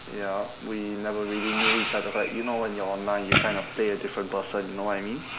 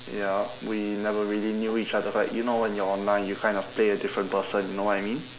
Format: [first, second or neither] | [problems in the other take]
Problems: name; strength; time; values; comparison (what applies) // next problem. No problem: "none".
second | background sound (Fireworks); 3 dB below the speech